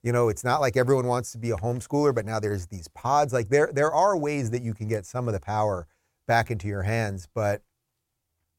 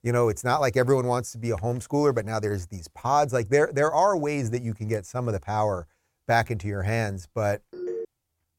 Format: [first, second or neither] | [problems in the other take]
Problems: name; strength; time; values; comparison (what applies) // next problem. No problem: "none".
first | phone ringing; noticeable; at 7.5 s; peak 8 dB below the speech